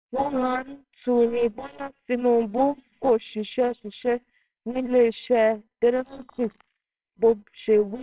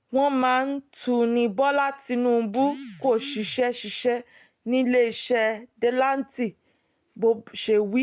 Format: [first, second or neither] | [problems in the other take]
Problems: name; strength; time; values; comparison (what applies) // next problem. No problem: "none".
second | noise reduction (neural separator model SepFormer WHAMR!)